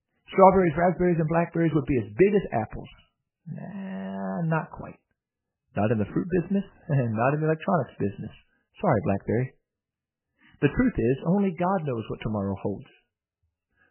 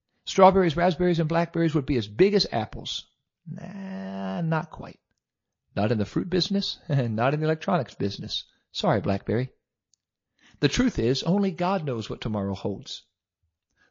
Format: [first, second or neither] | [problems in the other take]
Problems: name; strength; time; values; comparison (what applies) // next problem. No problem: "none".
second | garbled, watery; badly; nothing above 3 kHz; slightly in the second